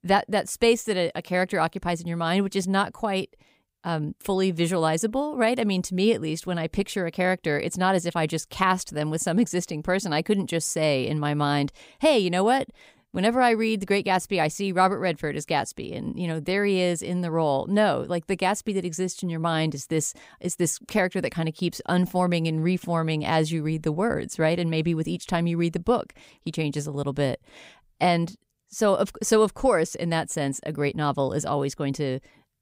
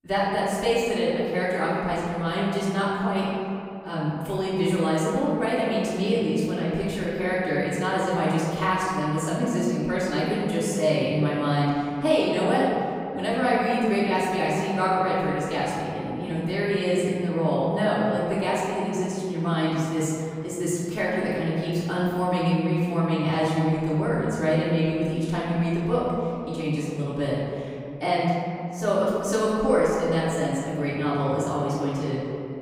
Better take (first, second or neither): first